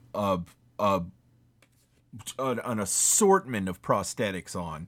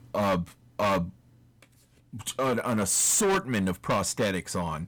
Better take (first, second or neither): first